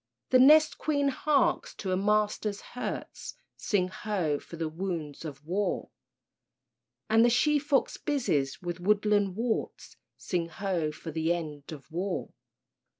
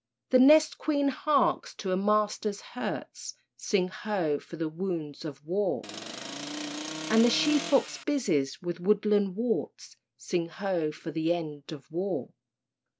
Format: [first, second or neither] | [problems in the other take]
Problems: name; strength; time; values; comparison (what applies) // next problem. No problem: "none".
first | background sound (Accelerating, revving, vroom); 8 dB below the speech